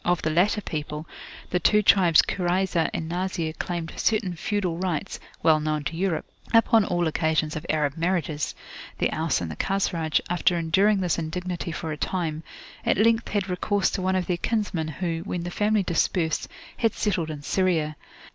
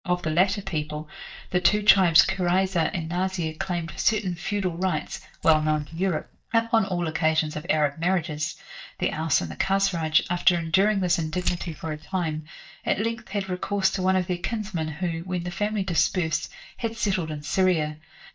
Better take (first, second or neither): first